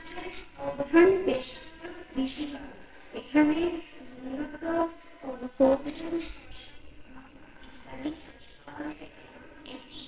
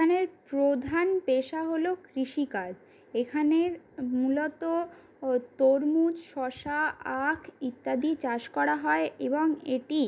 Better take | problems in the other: second | noise reduction (neural separator model SepFormer WHAMR!)

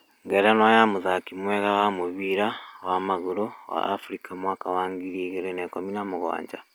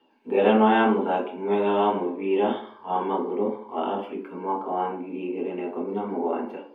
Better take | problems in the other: first | room echo; dies away in 0.5 s

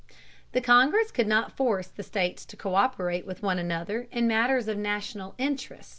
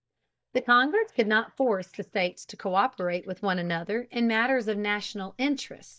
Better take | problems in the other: first | noise reduction (neural mask model DeepFilterNet 3)

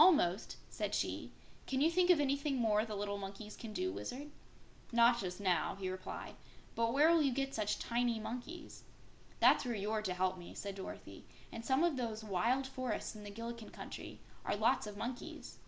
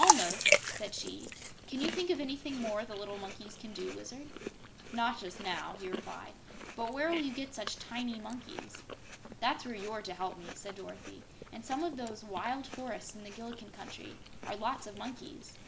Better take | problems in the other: first | noise reduction (neural mask model Resemble Enhance denoiser)

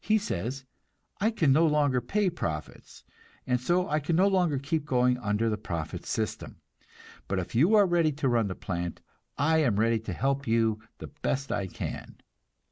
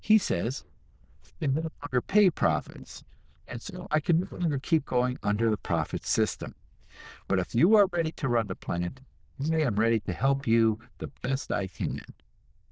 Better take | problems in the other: first | noise reduction (neural diffusion model UNIVERSE++)

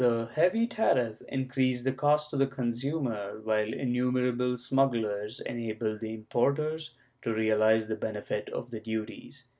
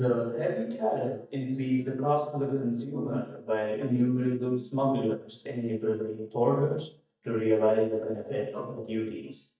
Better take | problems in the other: first | noise reduction (neural mask model DeepFilterNet 3)

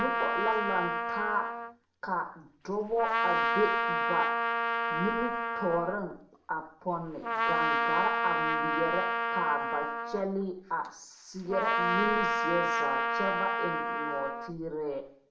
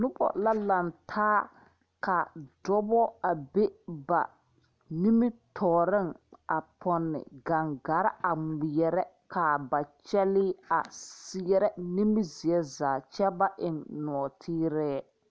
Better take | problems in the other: second | background sound (Trumpet); 3 dB above the speech // room echo; dies away in 0.5 s

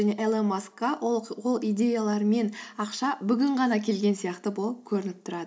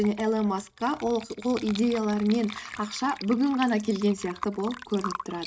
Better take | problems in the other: first | noise reduction (neural mask model RNNoise)

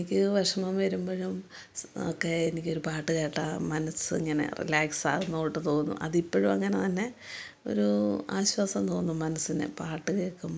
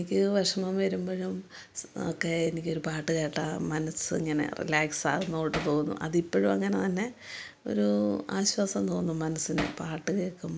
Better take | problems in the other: first | background sound (Hammer); 7 dB below the speech

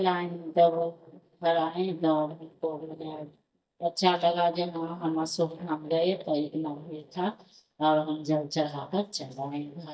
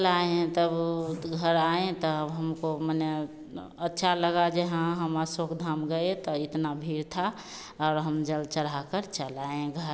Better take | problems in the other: second | noise reduction (neural mask model DeepFilterNet 3)

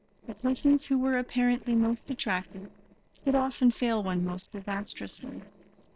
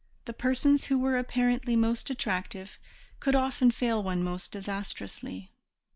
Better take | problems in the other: second | noise reduction (neural separator model SepFormer DNS4)

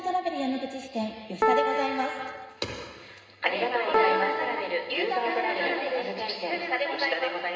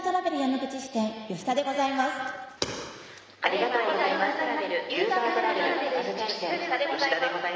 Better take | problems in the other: second | background sound (Piano); 1 dB below the speech // room echo; dies away in 0.2 s

